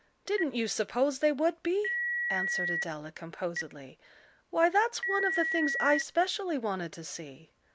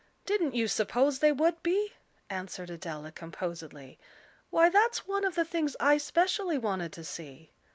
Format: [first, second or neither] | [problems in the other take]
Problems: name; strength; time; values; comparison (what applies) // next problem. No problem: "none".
second | background sound (Telephone); 4 dB below the speech